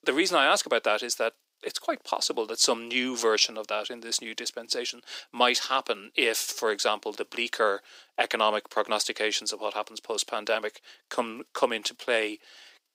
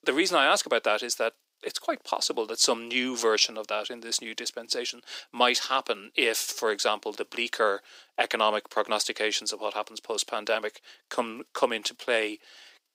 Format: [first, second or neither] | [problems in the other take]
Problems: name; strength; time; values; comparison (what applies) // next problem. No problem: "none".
neither | thin; somewhat; fading below 350 Hz; the same in both